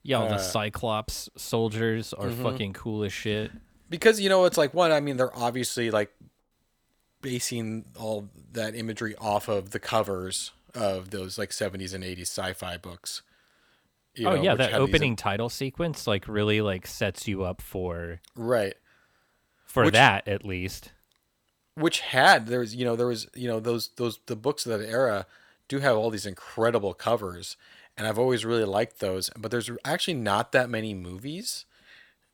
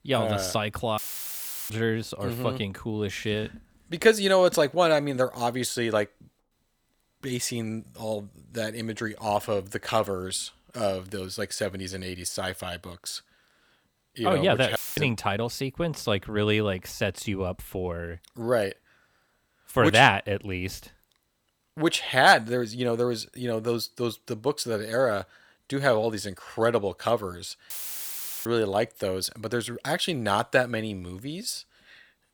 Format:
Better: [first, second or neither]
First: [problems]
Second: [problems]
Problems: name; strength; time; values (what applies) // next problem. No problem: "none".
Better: first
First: none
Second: audio cutting out; filled with static; at 1 s for 0.5 s, at 15 s and at 28 s for 1 s